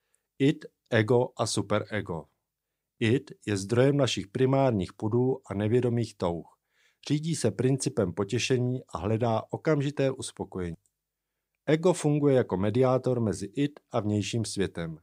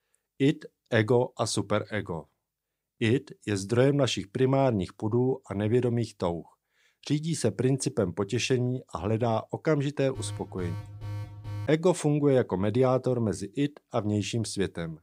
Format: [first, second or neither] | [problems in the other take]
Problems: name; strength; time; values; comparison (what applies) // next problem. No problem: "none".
first | alarm; faint; from 10 to 12 s; peak 10 dB below the speech